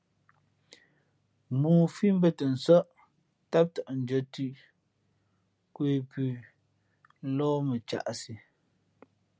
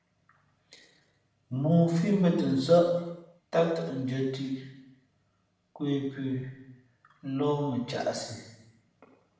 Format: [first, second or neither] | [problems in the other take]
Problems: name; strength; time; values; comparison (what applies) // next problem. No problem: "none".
first | room echo; dies away in 0.9 s